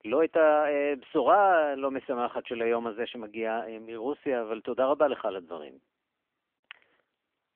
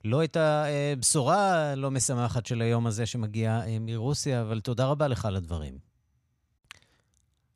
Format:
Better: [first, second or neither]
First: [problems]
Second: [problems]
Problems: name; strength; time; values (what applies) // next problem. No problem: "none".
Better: second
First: phone-call audio; nothing above 3.5 kHz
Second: none